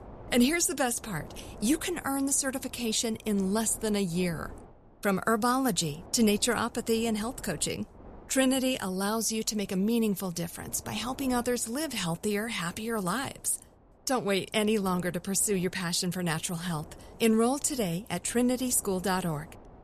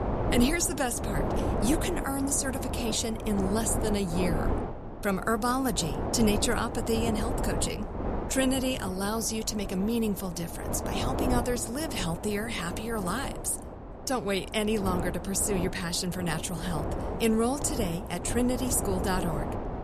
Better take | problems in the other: first | wind noise on the microphone; heavy; 5 dB below the speech; occasional gusts in the first

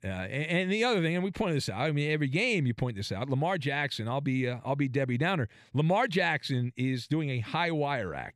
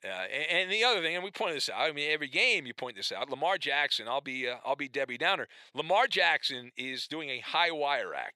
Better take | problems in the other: first | thin; very; fading below 650 Hz

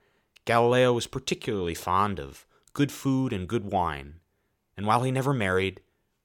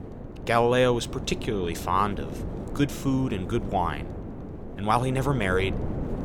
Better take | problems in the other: first | wind noise on the microphone; occasional gusts; 15 dB below the speech

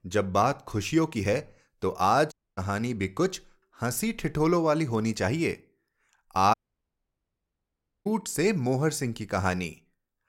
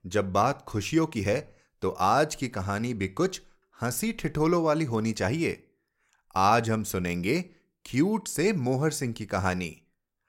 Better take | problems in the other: second | audio cutting out; at 2.5 s and at 6.5 s for 1.5 s

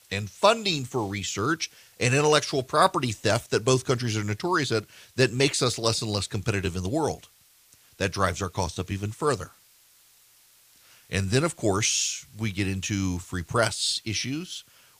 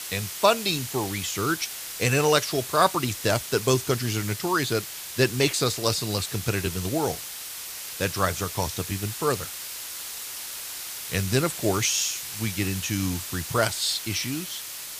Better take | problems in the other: first | hiss; loud; throughout; 7 dB below the speech; faint in the first

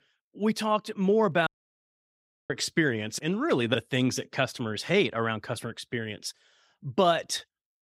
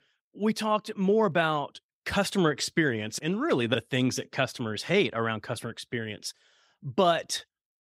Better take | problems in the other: second | audio cutting out; at 1.5 s for 1 s

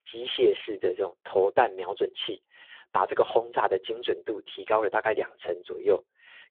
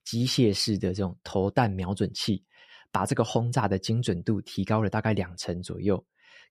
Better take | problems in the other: second | phone-call audio; poor line; nothing above 3.5 kHz

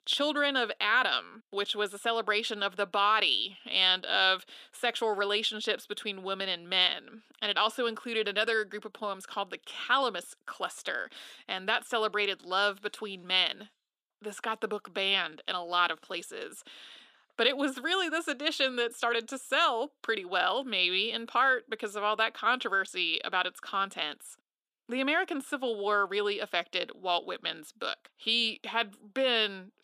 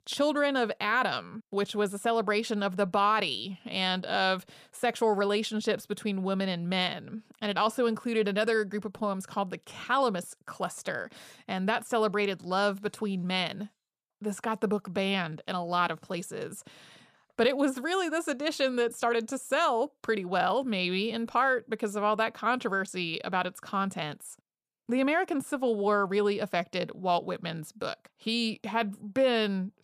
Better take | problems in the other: second | thin; somewhat; fading below 300 Hz

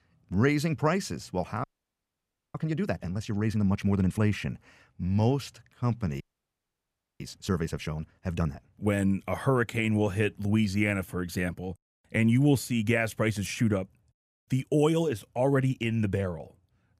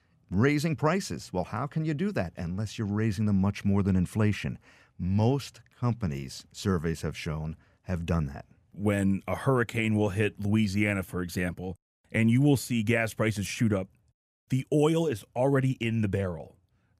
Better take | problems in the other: second | audio freezing; at 1.5 s for 1 s and at 6 s for 1 s

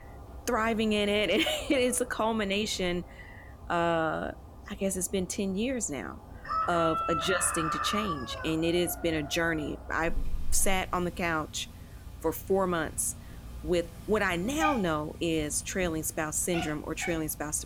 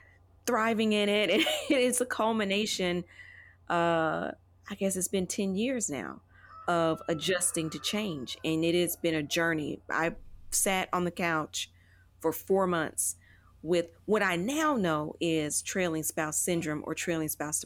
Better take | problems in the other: second | animal sounds; loud; throughout; 9 dB below the speech; faint in the second

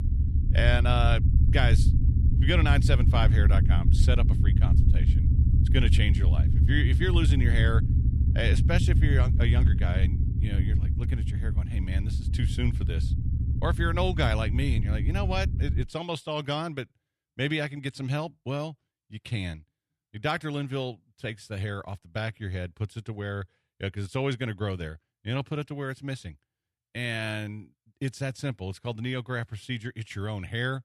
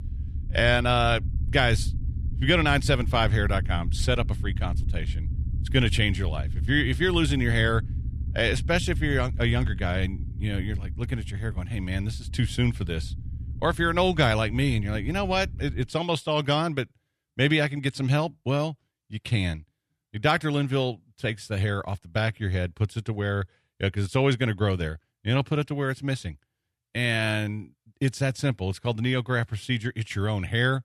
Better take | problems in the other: second | low rumble; loud; until 16 s; 7 dB below the speech; faint in the second

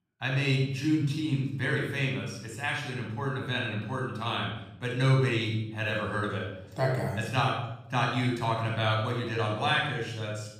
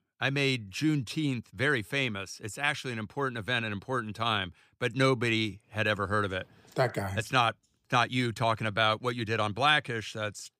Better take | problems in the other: second | room echo; noticeable; dies away in 0.8 s // off-mic speech; somewhat distant

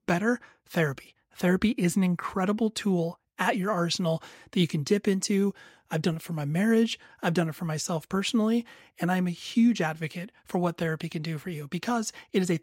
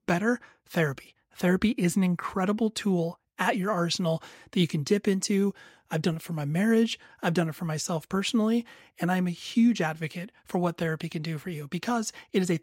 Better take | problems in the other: neither | none

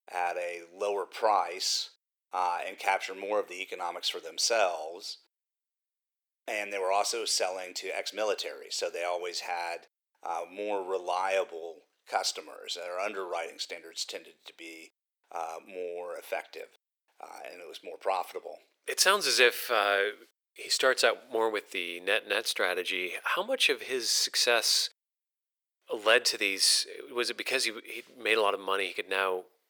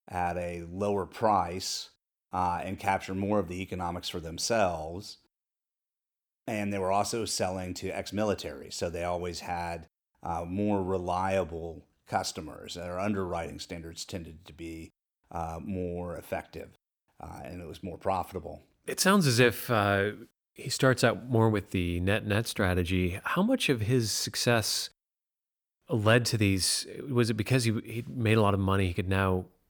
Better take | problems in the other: second | thin; very; fading below 450 Hz

